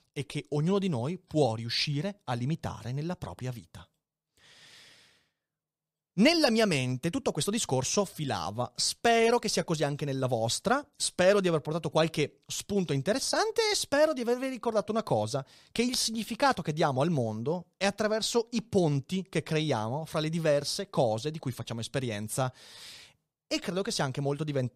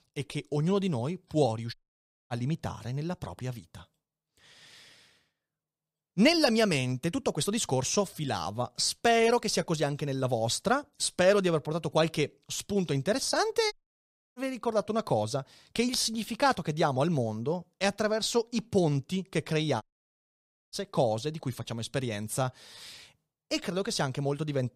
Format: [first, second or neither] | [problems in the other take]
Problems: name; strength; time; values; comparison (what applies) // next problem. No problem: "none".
first | audio cutting out; at 1.5 s for 0.5 s, at 14 s for 0.5 s and at 20 s for 1 s